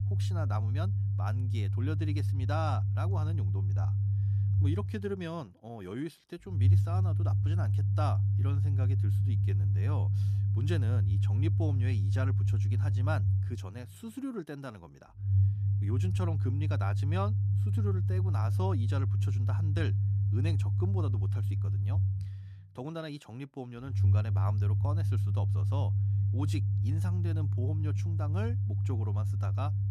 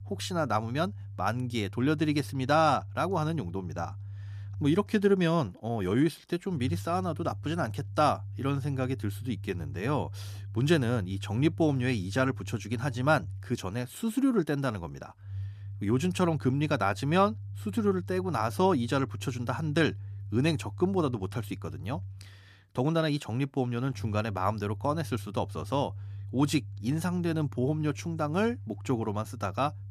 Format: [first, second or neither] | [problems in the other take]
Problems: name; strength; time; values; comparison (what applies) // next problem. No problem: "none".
second | low rumble; loud; throughout; 2 dB below the speech; faint in the second